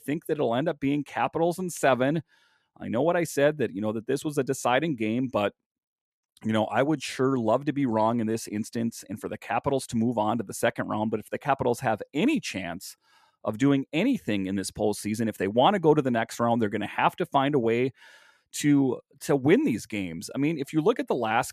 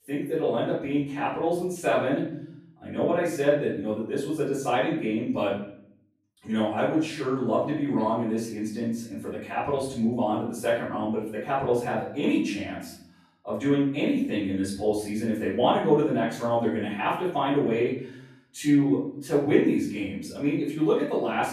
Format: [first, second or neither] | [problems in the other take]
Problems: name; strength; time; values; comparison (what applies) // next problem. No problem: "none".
first | off-mic speech; far // room echo; noticeable; dies away in 0.6 s